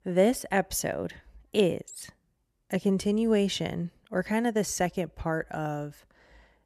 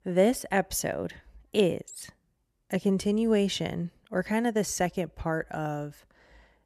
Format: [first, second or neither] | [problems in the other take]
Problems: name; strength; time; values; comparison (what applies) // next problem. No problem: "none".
neither | none